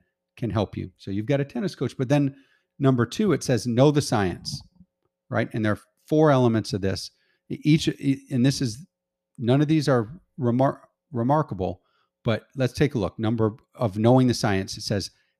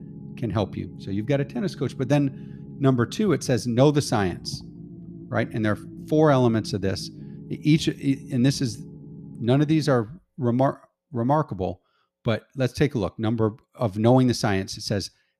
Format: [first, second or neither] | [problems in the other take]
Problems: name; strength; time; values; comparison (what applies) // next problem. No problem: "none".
first | low rumble; faint; until 10 s; 20 dB below the speech